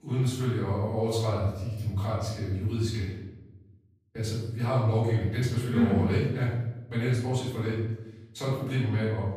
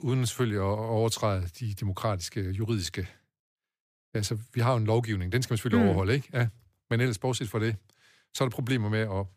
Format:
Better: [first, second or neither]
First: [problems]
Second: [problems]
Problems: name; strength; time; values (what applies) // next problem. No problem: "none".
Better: second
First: off-mic speech; far // room echo; noticeable; dies away in 0.9 s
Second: none